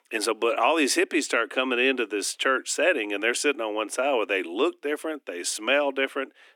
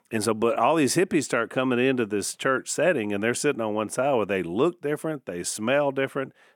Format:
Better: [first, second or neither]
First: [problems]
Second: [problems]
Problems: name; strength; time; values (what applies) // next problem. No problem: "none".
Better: second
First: thin; very slightly; fading below 250 Hz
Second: none